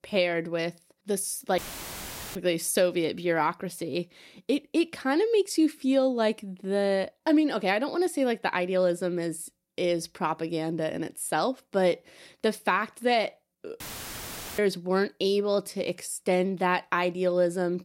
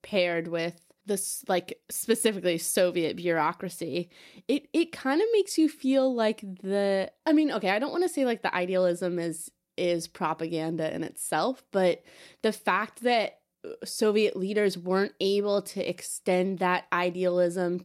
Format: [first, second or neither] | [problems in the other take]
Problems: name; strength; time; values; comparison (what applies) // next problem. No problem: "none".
second | audio cutting out; filled with static; at 1.5 s for 1 s and at 14 s for 1 s